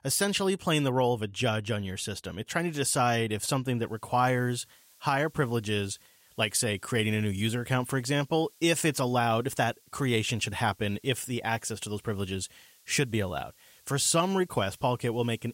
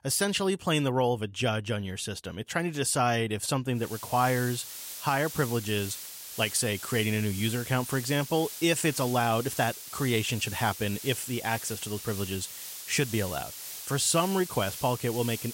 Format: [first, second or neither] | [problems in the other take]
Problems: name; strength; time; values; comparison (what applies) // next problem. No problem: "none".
first | hiss; loud; from 4 s on; 9 dB below the speech; faint in the first